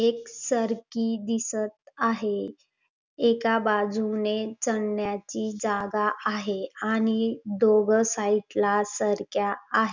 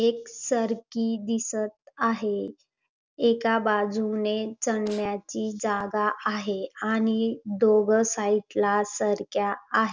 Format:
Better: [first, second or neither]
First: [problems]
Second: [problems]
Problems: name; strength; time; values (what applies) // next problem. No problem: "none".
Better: first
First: none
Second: noise reduction (neural separator model SepFormer DNS4)